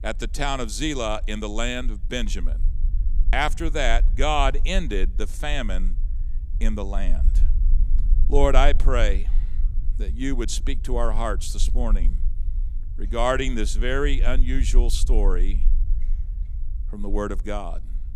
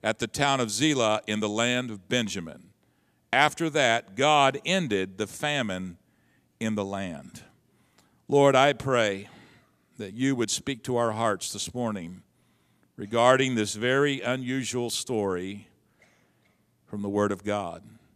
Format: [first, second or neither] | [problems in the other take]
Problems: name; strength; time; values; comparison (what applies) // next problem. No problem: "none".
second | low rumble; faint; throughout; 25 dB below the speech